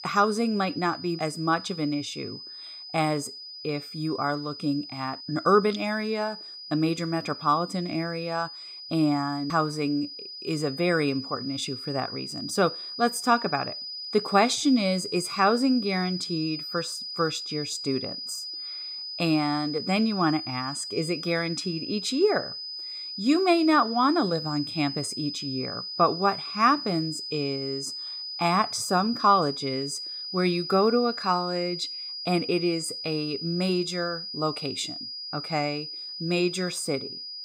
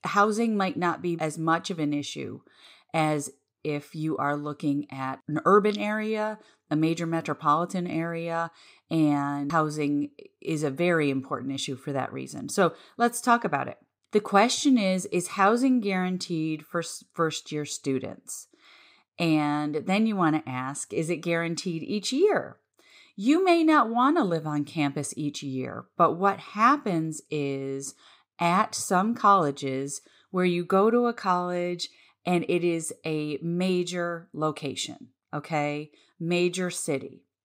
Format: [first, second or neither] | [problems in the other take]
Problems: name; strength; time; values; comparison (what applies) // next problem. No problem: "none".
second | high-pitched whine; loud; throughout; 5 kHz, 7 dB below the speech